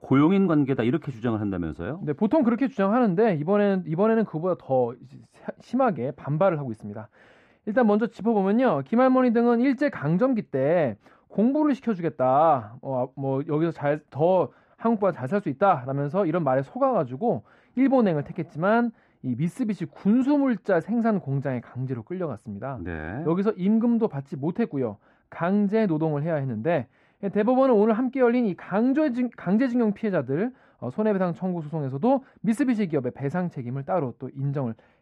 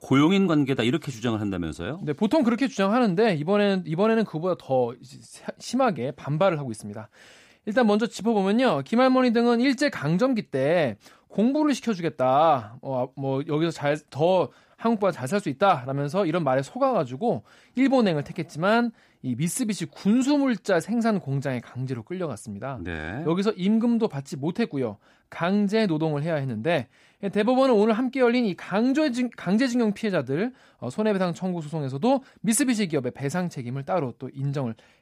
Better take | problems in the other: second | muffled; very; fading above 3 kHz

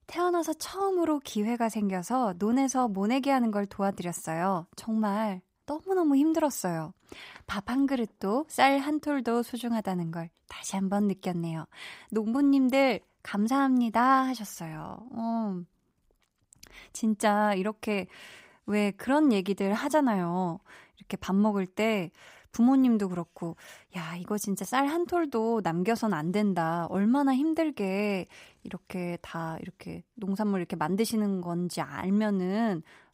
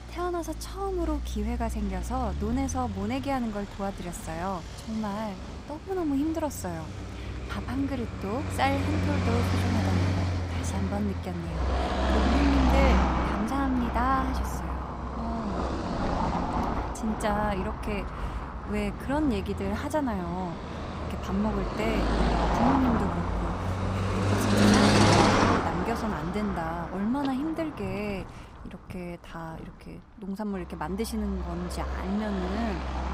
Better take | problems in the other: first | traffic noise; very loud; throughout; 3 dB above the speech

